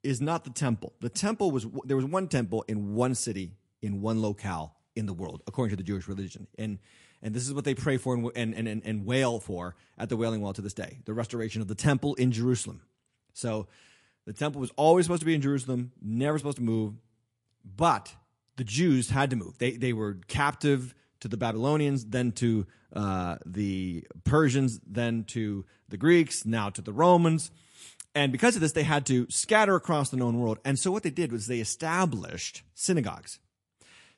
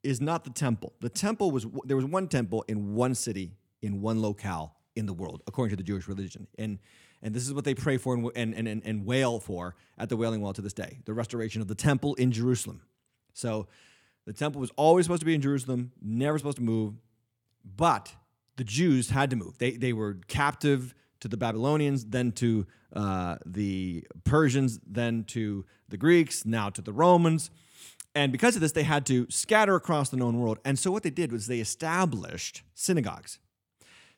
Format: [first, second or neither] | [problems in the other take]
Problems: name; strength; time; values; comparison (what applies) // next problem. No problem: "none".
second | garbled, watery; slightly; nothing above 11 kHz